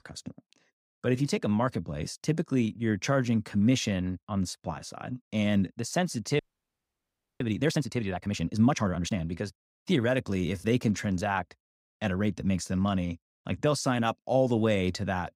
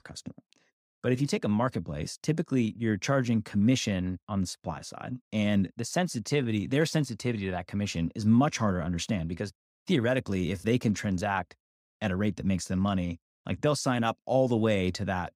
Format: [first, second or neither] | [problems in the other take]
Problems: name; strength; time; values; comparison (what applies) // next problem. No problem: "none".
second | audio freezing; at 6.5 s for 1 s